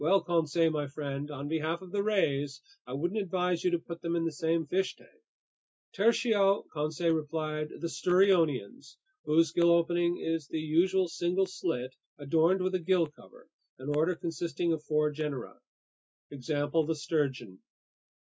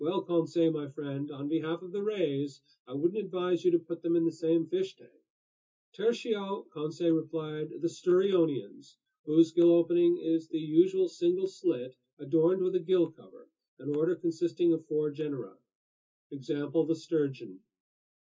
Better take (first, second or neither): first